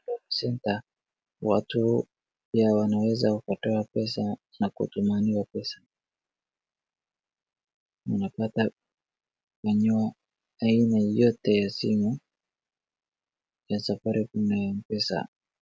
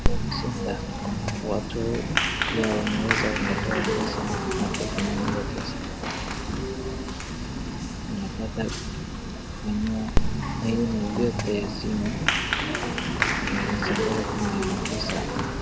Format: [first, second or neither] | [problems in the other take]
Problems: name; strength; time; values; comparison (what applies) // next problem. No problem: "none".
first | background sound (Applause); 5 dB above the speech